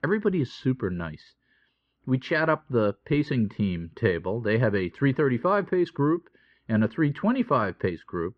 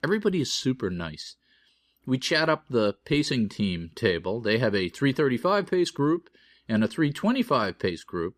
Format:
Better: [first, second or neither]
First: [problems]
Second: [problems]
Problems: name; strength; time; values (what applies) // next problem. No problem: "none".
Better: second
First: muffled; very; fading above 1.5 kHz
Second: none